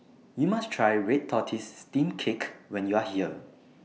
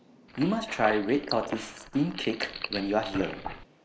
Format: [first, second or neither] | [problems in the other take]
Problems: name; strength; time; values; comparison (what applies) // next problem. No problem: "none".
first | noise reduction (neural mask model Resemble Enhance denoiser)